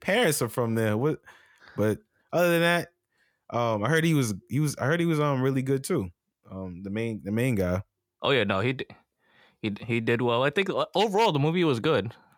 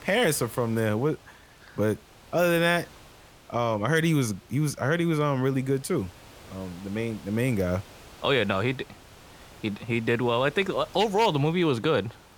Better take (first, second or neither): first